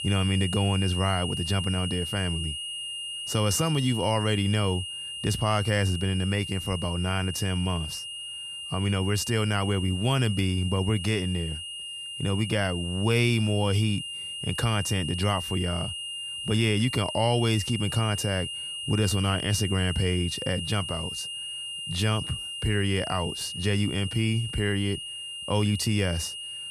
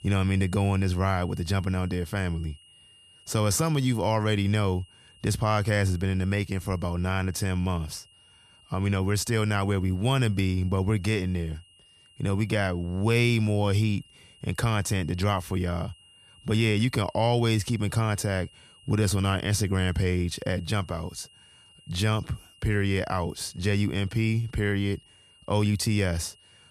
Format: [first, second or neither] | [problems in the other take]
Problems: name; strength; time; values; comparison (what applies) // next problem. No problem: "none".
second | high-pitched whine; loud; throughout; 3 kHz, 6 dB below the speech; faint in the second